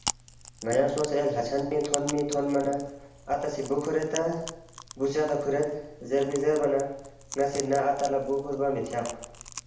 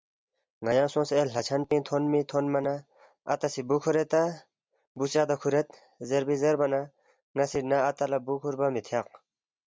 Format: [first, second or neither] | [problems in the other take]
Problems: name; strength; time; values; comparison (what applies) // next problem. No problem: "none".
second | background sound (Chewing, mastication); 13 dB below the speech // room echo; dies away in 0.8 s